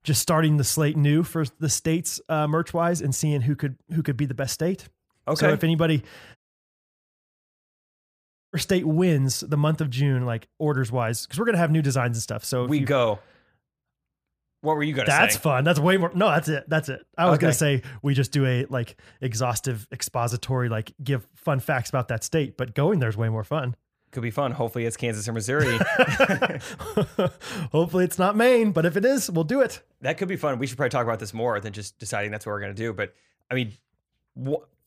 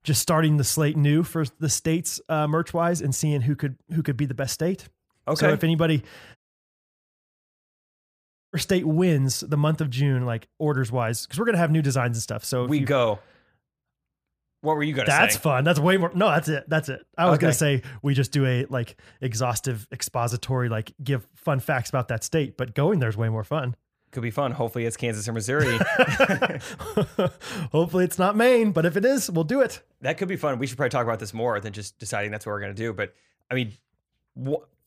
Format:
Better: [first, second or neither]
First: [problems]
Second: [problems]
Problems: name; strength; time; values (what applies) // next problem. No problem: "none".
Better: neither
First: audio cutting out; at 6.5 s for 2 s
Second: audio cutting out; at 6.5 s for 2 s